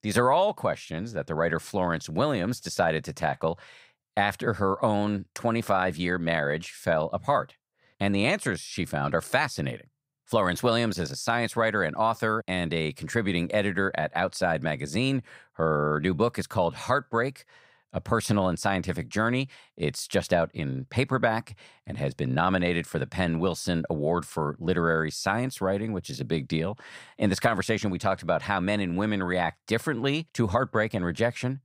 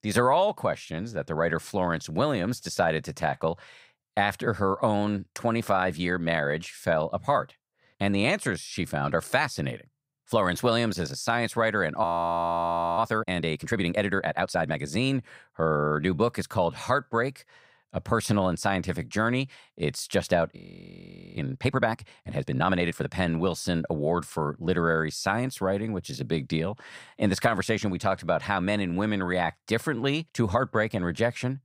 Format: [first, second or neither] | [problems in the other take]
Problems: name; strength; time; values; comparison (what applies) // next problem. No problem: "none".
first | audio freezing; at 12 s for 1 s and at 21 s for 1 s